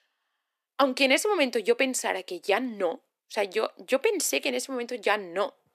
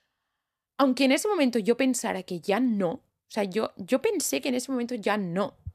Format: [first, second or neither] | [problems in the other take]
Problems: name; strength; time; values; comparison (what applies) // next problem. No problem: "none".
second | thin; somewhat; fading below 300 Hz